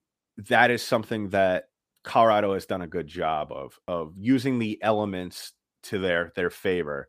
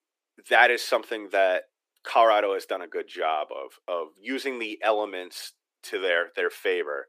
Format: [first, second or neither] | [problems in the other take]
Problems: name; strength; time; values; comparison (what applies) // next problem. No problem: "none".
first | thin; somewhat; fading below 350 Hz